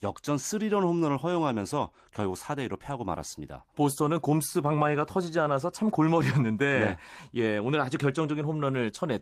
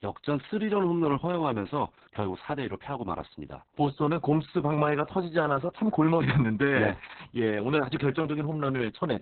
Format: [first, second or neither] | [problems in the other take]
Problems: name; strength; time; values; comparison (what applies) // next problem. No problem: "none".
first | garbled, watery; badly; nothing above 4 kHz; slightly in the first